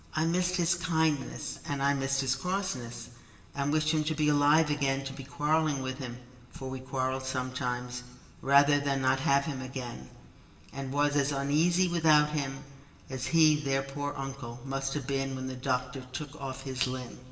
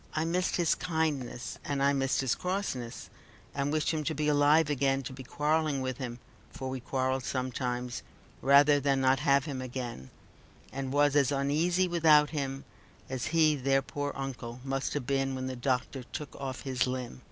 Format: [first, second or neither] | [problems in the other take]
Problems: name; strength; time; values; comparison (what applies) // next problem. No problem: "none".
second | room echo; dies away in 1 s